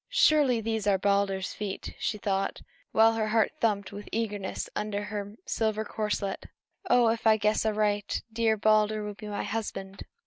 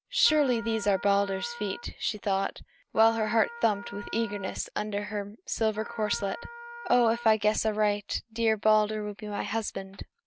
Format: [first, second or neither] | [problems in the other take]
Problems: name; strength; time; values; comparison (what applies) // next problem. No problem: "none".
first | background sound (Wind instrument, woodwind instrument); 15 dB below the speech